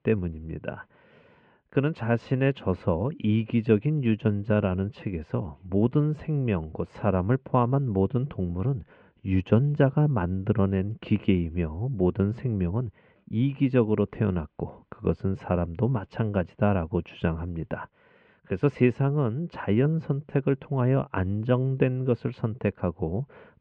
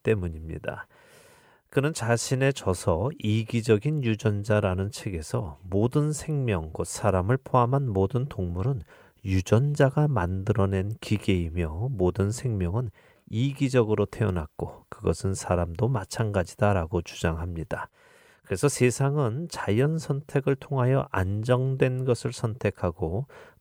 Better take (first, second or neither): second